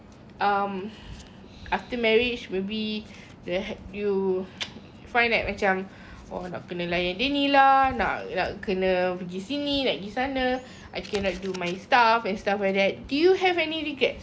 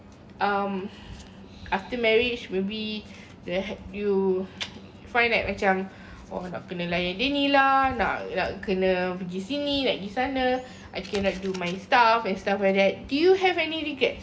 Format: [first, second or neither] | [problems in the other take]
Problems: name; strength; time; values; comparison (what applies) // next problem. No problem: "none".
first | room echo; dies away in 0.9 s